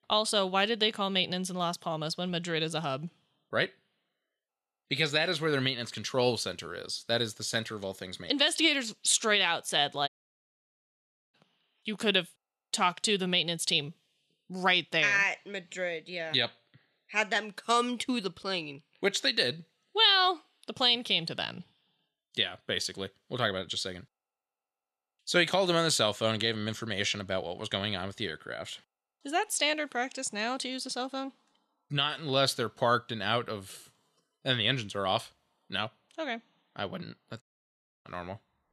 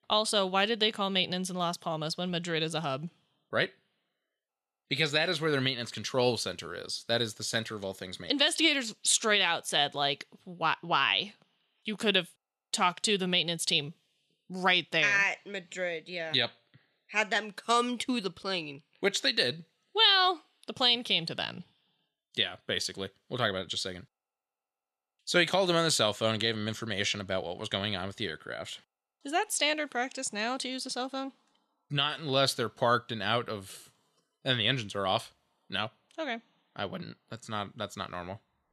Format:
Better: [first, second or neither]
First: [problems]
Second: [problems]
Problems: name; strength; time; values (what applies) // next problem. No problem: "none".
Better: second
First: audio cutting out; at 10 s for 1.5 s and at 37 s for 0.5 s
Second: none